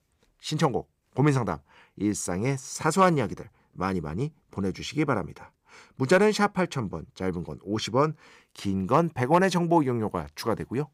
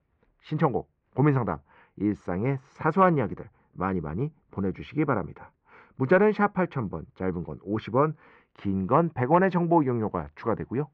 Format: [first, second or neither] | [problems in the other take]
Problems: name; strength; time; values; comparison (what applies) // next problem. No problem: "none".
first | muffled; very; fading above 2 kHz